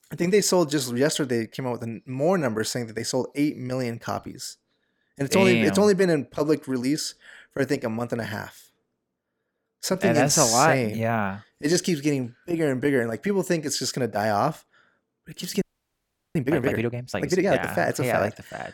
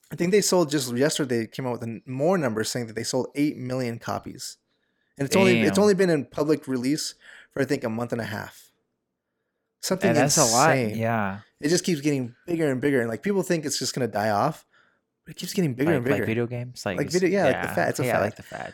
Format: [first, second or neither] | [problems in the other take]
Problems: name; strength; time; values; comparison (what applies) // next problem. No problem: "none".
second | audio freezing; at 16 s for 0.5 s